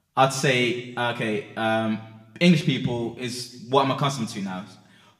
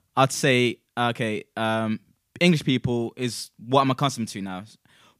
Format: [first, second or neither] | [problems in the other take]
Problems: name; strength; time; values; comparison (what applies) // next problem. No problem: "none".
second | room echo; very slight; dies away in 0.8 s